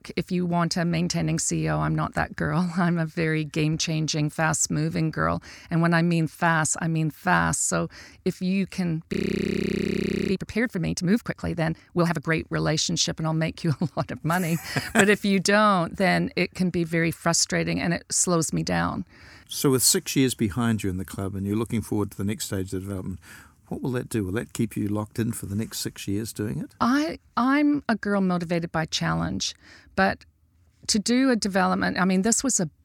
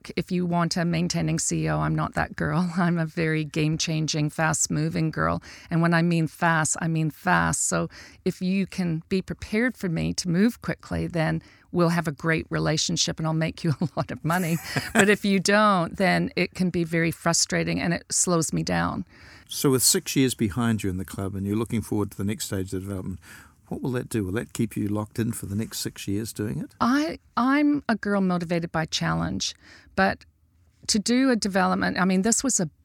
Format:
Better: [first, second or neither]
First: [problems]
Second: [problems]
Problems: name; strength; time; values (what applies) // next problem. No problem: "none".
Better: second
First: audio freezing; at 9 s for 1 s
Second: none